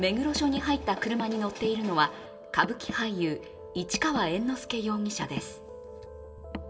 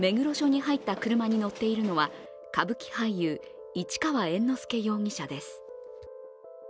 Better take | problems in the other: second | background sound (Car); 12 dB below the speech // room echo; dies away in 0.3 s

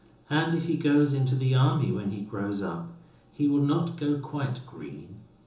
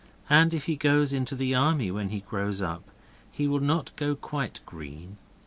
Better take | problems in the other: second | room echo; dies away in 0.6 s

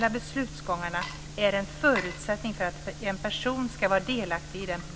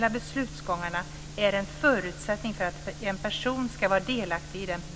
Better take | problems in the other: second | background sound (Water / Liquid); 16 dB below the speech

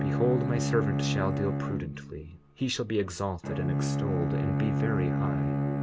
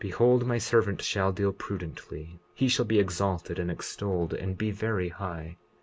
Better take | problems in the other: second | background sound (Bowed string instrument); 3 dB above the speech

